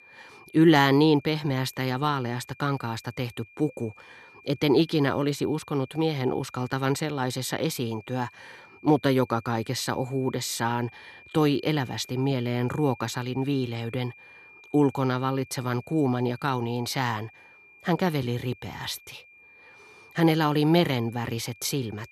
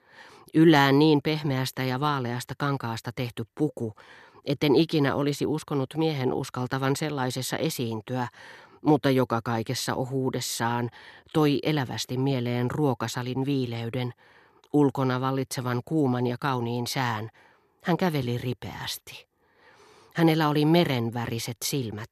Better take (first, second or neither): second